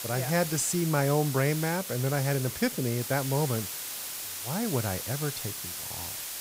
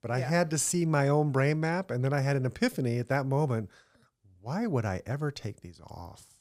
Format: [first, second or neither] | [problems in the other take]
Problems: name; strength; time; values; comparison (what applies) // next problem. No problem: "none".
second | hiss; loud; throughout; 5 dB below the speech